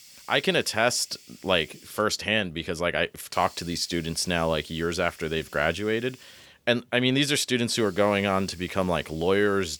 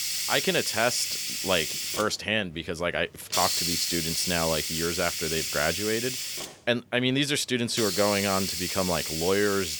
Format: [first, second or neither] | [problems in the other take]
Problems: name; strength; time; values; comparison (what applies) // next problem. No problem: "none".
first | hiss; loud; throughout; 1 dB below the speech; faint in the first